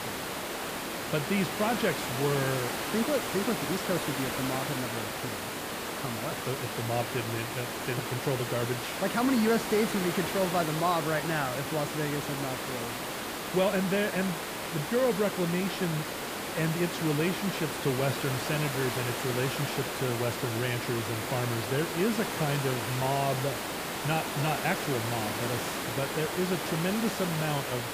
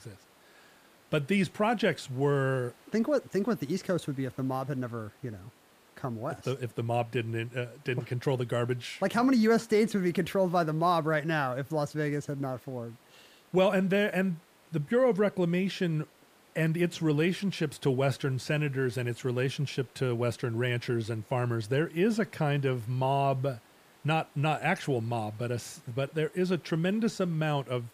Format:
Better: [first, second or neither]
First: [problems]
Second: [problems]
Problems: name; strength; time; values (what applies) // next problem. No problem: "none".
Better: second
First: hiss; loud; throughout; 2 dB below the speech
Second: hiss; faint; throughout; 30 dB below the speech